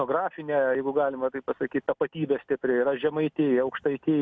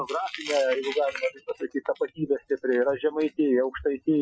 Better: first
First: none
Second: noise reduction (classical method Wiener filter)

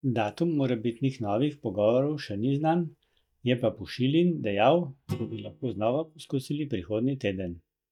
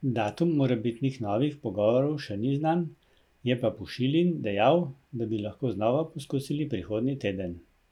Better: second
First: noise reduction (neural mask model DeepFilterNet 3)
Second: none

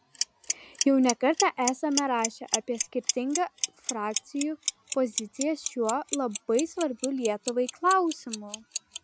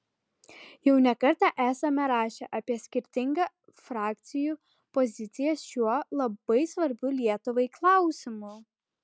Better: second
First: background sound (Clock); 6 dB below the speech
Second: none

